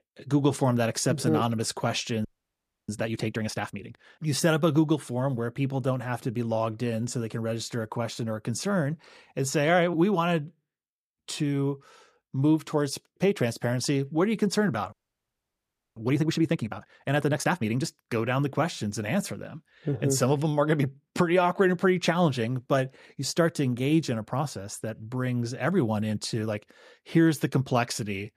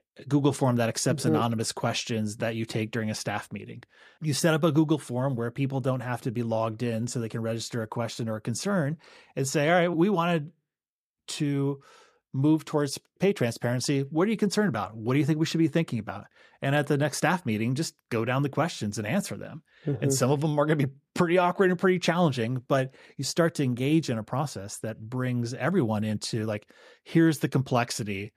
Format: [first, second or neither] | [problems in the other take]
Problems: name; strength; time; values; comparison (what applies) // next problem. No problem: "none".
second | audio freezing; at 2.5 s for 0.5 s and at 15 s for 1 s